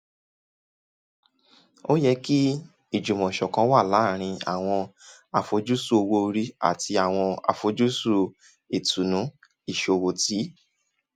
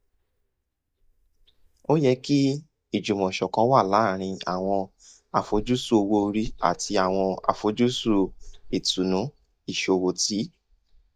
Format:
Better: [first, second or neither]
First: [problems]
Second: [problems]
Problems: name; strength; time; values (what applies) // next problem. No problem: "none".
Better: first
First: none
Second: noise reduction (neural mask model DeepFilterNet 3)